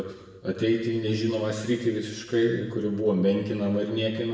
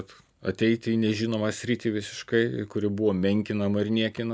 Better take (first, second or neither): second